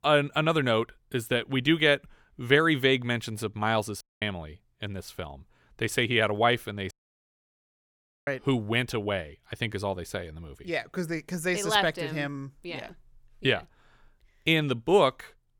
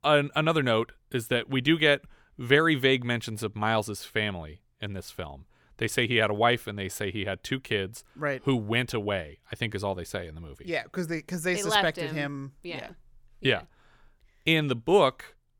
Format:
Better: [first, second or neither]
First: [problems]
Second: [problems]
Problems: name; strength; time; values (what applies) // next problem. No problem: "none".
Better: second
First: audio cutting out; at 4 s and at 7 s for 1.5 s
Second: none